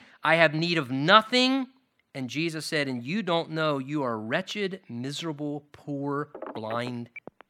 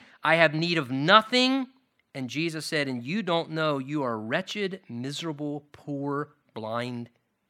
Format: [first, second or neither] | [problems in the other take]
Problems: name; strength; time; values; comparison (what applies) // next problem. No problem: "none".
second | phone ringing; faint; from 6.5 s on; peak 15 dB below the speech